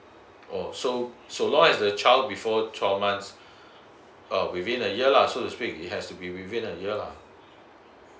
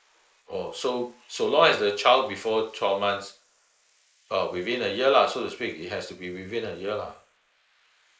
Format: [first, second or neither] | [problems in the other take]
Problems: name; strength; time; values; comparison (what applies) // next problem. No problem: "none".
first | noise reduction (neural mask model Resemble Enhance denoiser)